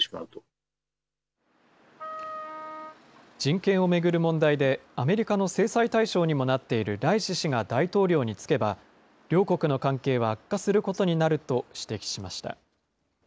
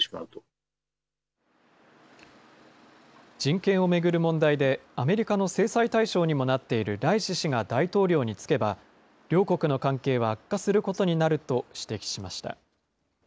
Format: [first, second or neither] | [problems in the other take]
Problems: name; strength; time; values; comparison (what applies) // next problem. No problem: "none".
second | background sound (Wind instrument, woodwind instrument); 13 dB below the speech